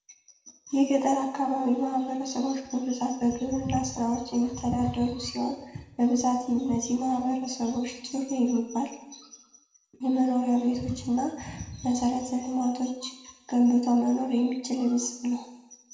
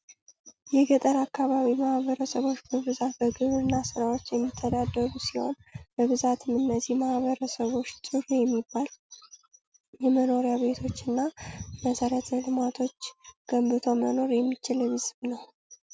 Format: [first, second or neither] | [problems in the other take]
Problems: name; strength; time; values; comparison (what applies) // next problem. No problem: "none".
second | room echo; dies away in 0.9 s